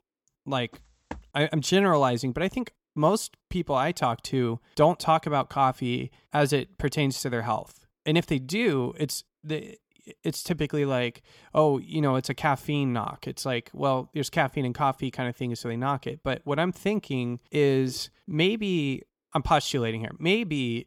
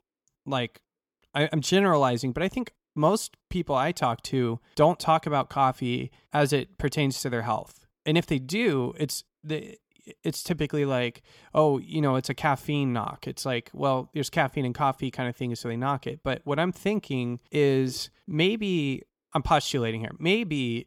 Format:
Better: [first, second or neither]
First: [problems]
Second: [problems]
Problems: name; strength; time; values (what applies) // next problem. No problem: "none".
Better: second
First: footsteps; faint; at 0.5 s; peak 15 dB below the speech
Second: none